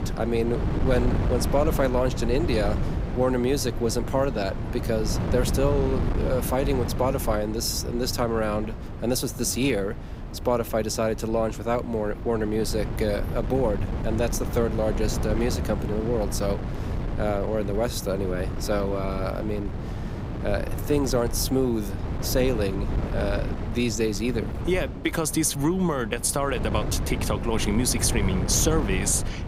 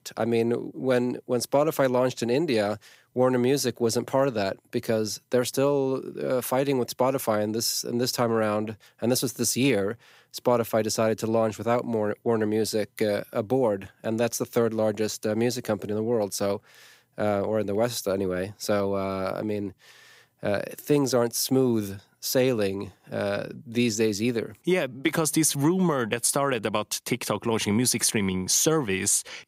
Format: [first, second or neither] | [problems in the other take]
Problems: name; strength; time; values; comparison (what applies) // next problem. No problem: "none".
second | wind noise on the microphone; heavy; 10 dB below the speech